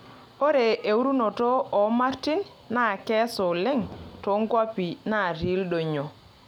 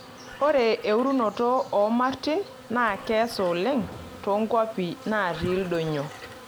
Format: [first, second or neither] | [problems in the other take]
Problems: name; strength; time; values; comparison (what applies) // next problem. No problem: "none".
first | background sound (Insect + Engine); 18 dB below the speech